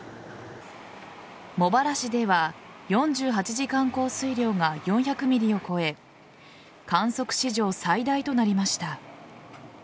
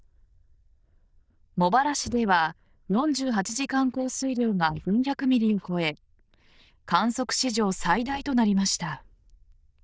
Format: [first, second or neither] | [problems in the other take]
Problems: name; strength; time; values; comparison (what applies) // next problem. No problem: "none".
first | noise reduction (neural diffusion model UNIVERSE++)